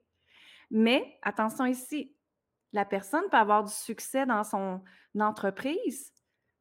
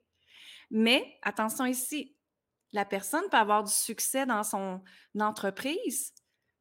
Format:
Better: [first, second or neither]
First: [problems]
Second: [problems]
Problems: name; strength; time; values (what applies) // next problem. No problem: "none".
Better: second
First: muffled; slightly; fading above 2.5 kHz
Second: none